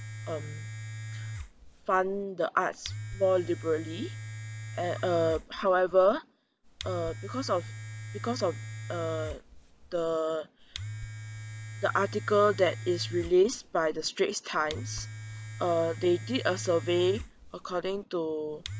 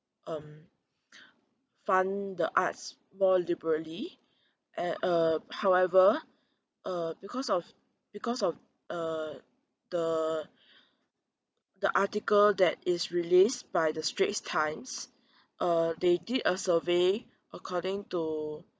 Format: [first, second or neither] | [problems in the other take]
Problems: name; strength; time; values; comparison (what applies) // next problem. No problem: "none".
second | background sound (Domestic sounds, home sounds); 10 dB below the speech